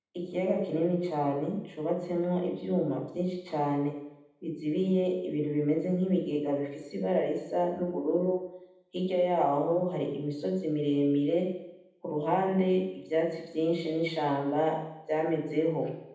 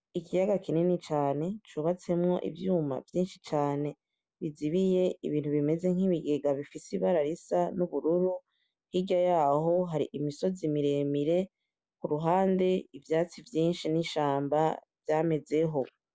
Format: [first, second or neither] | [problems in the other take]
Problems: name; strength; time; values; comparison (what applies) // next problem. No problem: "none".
second | room echo; dies away in 0.8 s